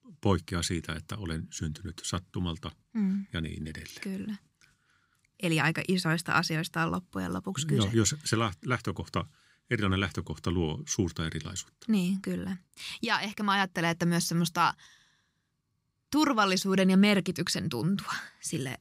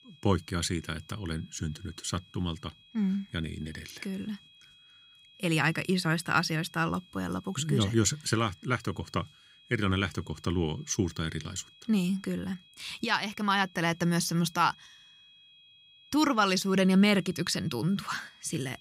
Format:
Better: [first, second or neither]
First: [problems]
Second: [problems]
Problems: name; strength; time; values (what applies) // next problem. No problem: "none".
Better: first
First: none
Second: high-pitched whine; faint; throughout; 3.5 kHz, 25 dB below the speech